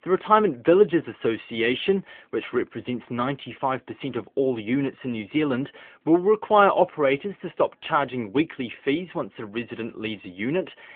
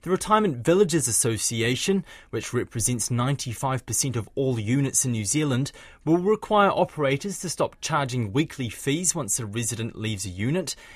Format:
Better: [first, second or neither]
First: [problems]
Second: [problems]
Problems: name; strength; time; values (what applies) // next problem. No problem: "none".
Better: second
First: phone-call audio; nothing above 3.5 kHz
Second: none